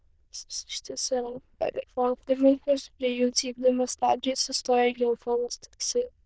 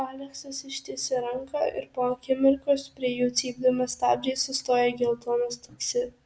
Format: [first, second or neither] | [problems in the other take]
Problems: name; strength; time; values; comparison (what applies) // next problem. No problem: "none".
second | noise reduction (neural diffusion model UNIVERSE++)